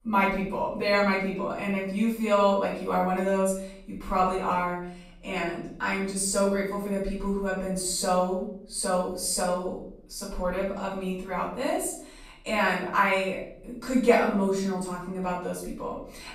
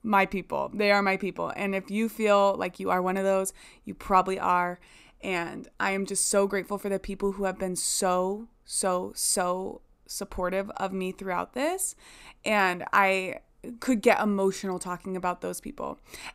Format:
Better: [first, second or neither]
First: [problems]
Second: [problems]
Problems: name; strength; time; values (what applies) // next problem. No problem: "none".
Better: second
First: off-mic speech; far // room echo; noticeable; dies away in 0.7 s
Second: none